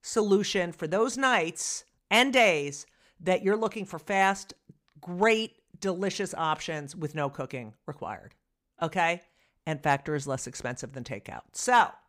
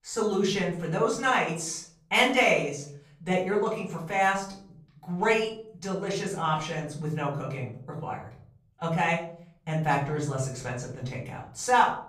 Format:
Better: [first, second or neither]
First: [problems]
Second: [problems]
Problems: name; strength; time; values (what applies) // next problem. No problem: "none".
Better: first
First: none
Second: off-mic speech; far // room echo; slight; dies away in 0.7 s